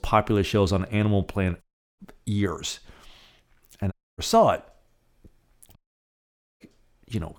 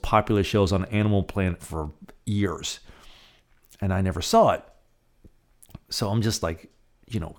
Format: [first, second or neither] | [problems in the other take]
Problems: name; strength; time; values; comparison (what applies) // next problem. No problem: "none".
second | audio cutting out; at 1.5 s, at 4 s and at 6 s for 1 s